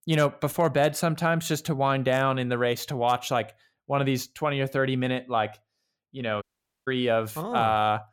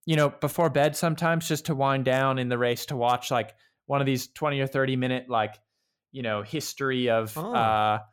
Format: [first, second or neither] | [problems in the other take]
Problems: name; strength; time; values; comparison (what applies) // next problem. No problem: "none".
second | audio cutting out; at 6.5 s